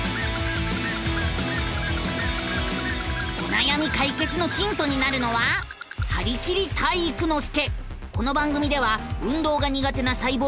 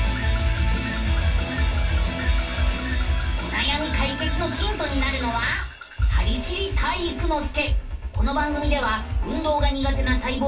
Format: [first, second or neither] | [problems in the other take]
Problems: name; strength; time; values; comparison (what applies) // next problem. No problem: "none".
first | room echo; dies away in 0.2 s